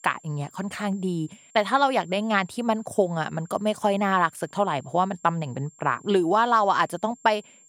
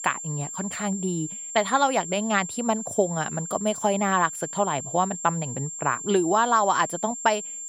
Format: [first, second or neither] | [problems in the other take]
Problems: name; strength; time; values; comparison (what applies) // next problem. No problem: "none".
first | high-pitched whine; loud; throughout; 7.5 kHz, 8 dB below the speech; faint in the first